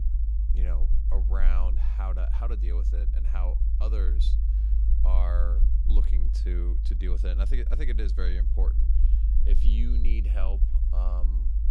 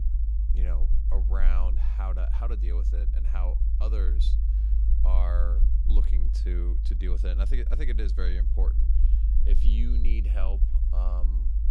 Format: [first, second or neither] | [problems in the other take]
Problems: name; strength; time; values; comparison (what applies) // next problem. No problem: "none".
neither | low rumble; loud; throughout; 6 dB below the speech; the same in both